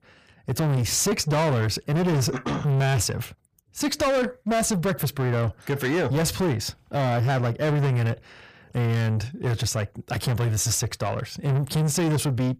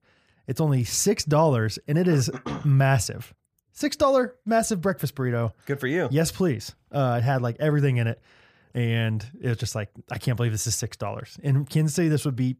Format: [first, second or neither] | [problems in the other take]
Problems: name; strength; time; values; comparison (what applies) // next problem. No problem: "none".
second | distortion; heavy; 8 dB below the speech